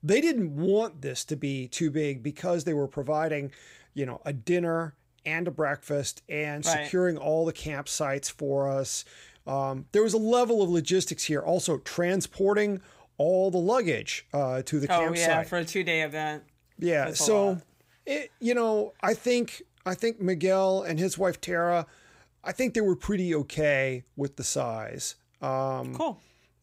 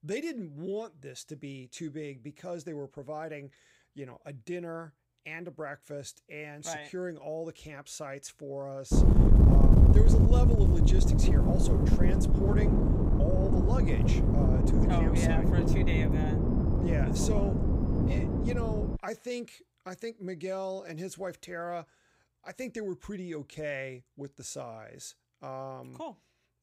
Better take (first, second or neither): first